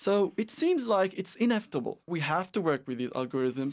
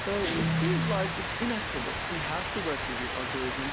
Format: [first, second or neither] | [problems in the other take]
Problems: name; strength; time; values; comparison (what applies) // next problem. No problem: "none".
first | background sound (Guitar + Rain); 3 dB above the speech